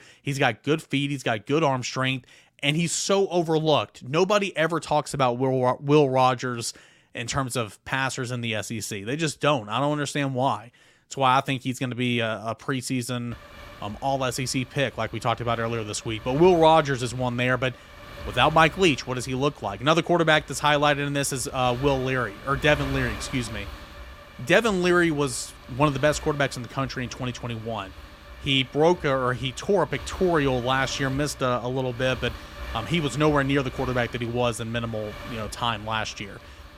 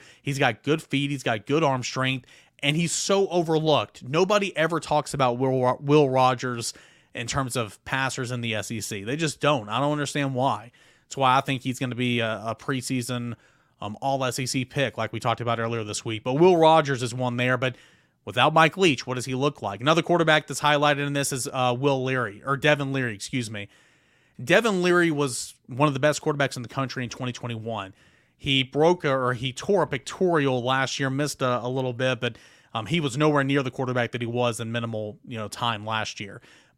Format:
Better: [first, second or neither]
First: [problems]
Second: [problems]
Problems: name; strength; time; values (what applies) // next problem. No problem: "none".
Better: second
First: wind noise on the microphone; occasional gusts; from 13 s on; 20 dB below the speech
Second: none